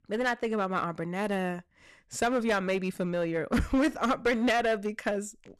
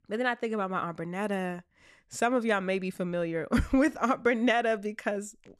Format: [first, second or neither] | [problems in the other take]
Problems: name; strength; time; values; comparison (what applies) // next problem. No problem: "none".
second | distortion; slight; 9% of the sound clipped